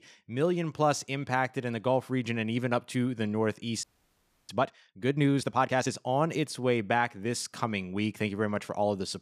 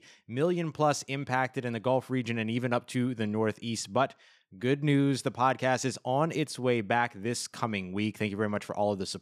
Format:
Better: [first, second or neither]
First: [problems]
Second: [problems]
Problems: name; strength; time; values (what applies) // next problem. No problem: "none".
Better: second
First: audio freezing; at 4 s for 0.5 s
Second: none